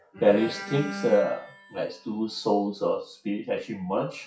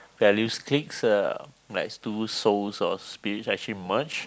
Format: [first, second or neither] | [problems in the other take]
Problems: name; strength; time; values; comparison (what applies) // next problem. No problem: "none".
second | noise reduction (classical method WPE with log-MMSE)